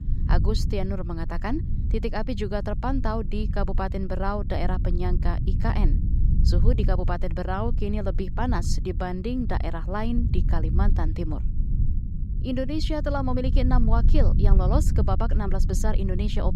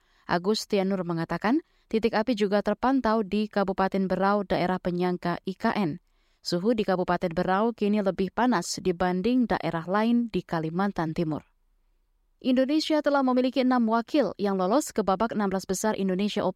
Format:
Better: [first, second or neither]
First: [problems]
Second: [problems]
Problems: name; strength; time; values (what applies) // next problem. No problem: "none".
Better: second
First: low rumble; noticeable; throughout; 10 dB below the speech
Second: none